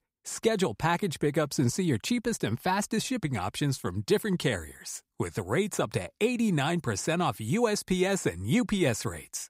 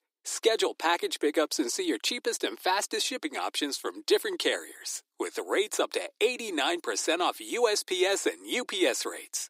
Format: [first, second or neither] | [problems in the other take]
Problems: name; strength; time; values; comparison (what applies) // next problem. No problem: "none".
first | thin; very; fading below 300 Hz